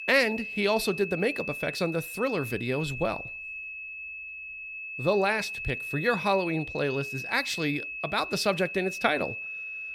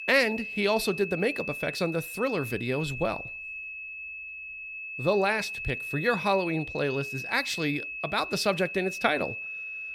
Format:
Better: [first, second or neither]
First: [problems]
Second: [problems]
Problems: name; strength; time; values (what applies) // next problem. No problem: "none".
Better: neither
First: high-pitched whine; loud; throughout; 2.5 kHz, 6 dB below the speech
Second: high-pitched whine; loud; throughout; 2.5 kHz, 6 dB below the speech